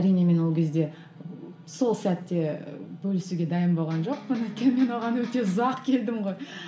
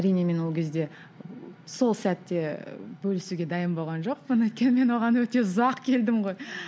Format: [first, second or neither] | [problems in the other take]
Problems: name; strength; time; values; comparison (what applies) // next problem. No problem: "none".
second | background sound (Electric guitar); 13 dB below the speech // room echo; dies away in 0.6 s